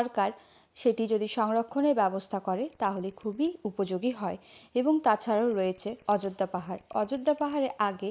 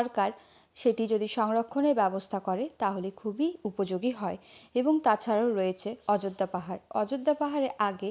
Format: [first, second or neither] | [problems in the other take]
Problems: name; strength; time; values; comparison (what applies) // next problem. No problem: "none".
second | noise reduction (neural mask model Resemble Enhance denoiser)